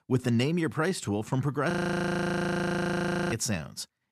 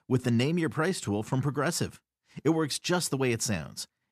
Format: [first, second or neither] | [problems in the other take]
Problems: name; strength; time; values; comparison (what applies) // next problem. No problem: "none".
second | audio freezing; at 1.5 s for 1.5 s